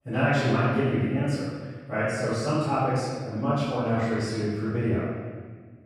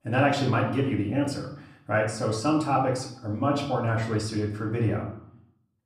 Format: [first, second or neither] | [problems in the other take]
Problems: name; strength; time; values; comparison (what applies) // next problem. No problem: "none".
second | room echo; strong; dies away in 1.4 s; slight in the second // off-mic speech; far; far in the second